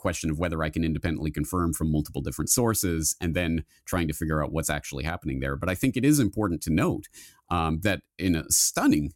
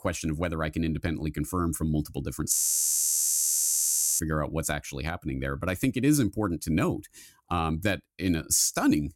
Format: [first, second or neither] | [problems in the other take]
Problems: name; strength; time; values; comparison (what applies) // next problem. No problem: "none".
first | audio freezing; at 2.5 s for 1.5 s